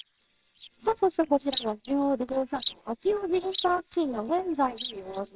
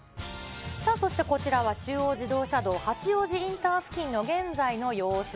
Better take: second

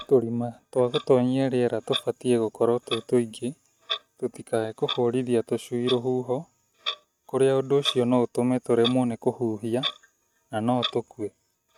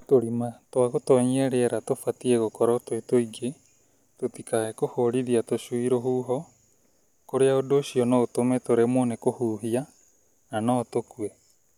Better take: second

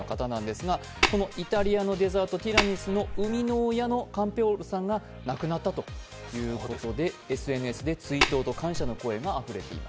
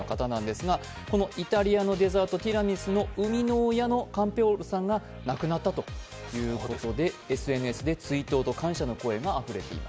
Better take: second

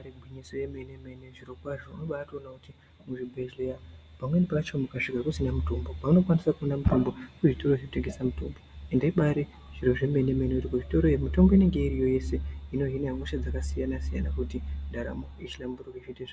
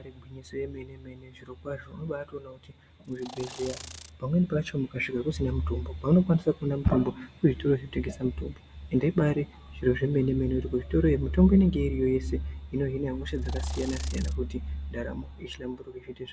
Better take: first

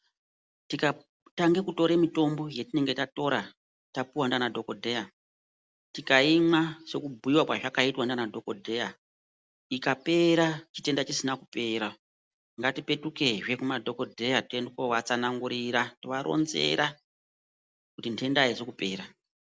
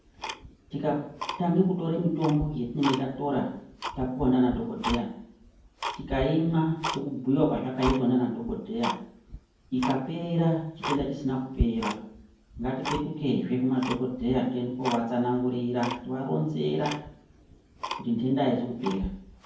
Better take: first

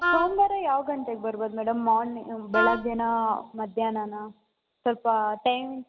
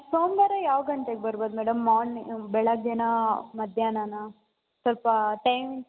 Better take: second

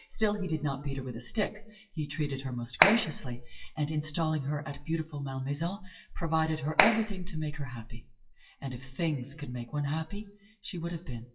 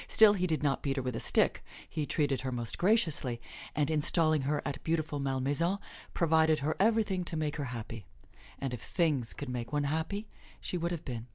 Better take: second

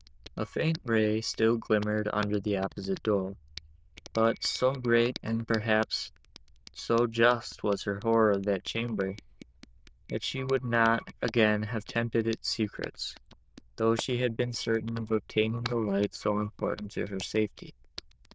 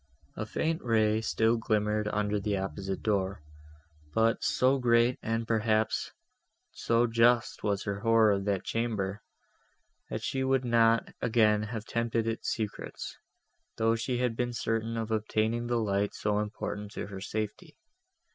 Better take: second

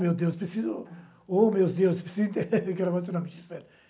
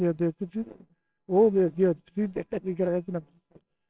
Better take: first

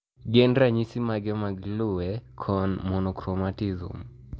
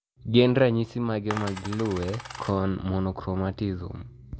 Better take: first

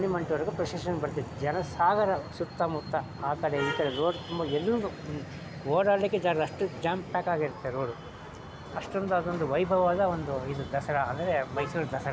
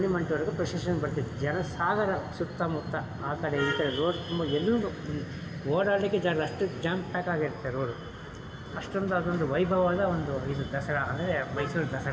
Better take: first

